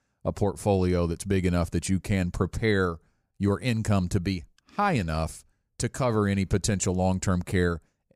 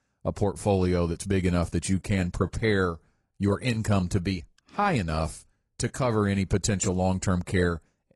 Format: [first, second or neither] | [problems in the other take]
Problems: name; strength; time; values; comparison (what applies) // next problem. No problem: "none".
first | garbled, watery; slightly; nothing above 11 kHz